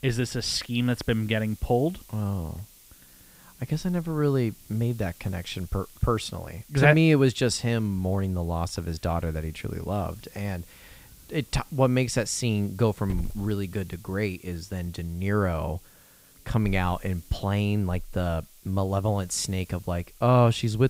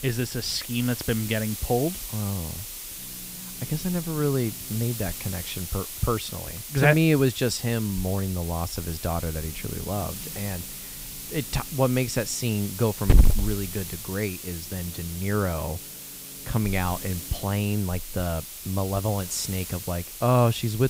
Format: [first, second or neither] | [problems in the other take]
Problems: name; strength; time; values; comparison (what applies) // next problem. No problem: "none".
first | hiss; loud; throughout; 6 dB below the speech; faint in the first